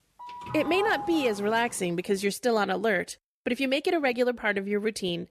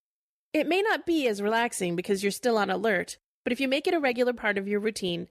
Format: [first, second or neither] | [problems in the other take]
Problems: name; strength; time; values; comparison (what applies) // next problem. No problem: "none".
second | doorbell; noticeable; until 1.5 s; peak 6 dB below the speech